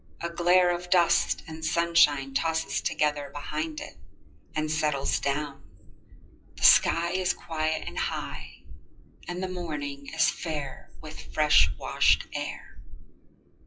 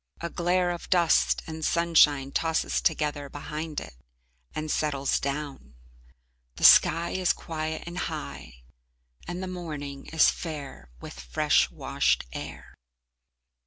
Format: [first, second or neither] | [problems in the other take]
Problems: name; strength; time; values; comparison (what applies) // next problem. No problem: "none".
second | noise reduction (classical method WPE with log-MMSE)